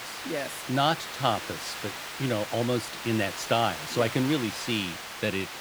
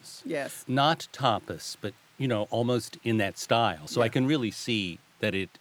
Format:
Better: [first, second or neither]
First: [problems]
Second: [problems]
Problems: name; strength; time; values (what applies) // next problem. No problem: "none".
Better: second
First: hiss; loud; throughout; 7 dB below the speech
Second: hiss; faint; throughout; 30 dB below the speech